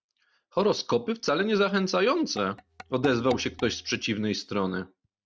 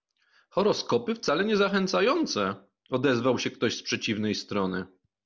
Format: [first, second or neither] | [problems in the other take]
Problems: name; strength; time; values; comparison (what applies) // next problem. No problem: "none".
second | noise reduction (neural mask model RNNoise)